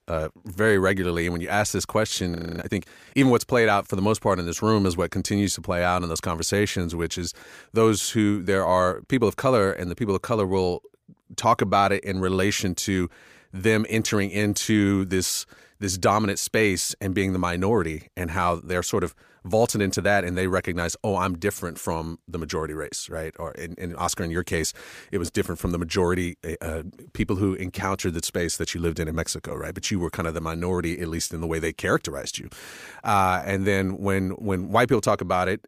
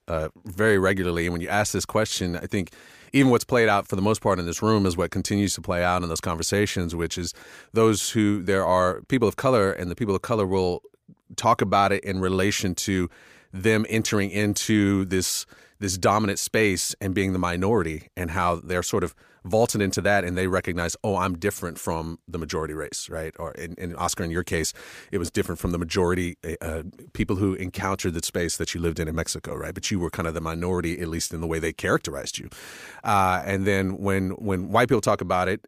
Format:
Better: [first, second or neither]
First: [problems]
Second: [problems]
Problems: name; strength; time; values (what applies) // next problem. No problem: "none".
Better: second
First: audio freezing; at 2.5 s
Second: none